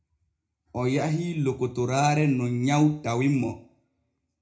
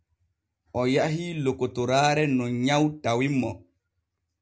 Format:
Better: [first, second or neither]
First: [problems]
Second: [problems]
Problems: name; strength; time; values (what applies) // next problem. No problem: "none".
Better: second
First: room echo; dies away in 0.4 s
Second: none